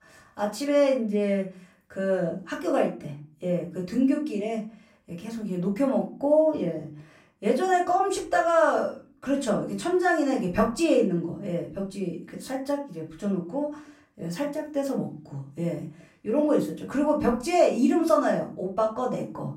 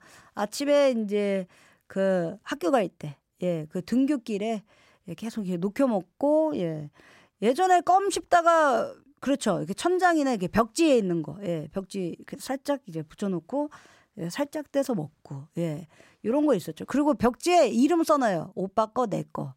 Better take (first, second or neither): second